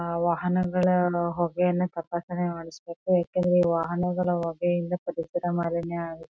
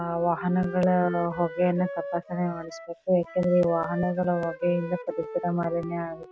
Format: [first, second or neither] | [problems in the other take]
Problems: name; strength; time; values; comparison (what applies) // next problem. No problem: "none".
first | background sound (Wind instrument, woodwind instrument); 13 dB below the speech